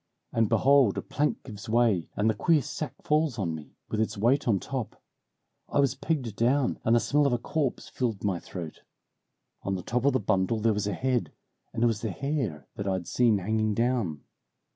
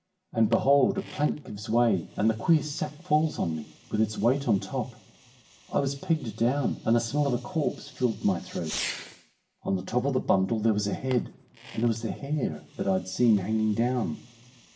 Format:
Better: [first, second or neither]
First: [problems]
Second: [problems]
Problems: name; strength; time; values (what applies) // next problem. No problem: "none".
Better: first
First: none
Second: background sound (Fireworks); 20 dB below the speech // room echo; dies away in 0.5 s